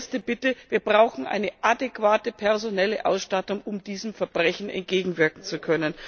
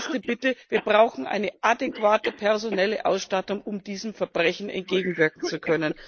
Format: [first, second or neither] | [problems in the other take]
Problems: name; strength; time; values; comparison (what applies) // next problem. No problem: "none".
first | noise reduction (neural mask model Resemble Enhance denoiser)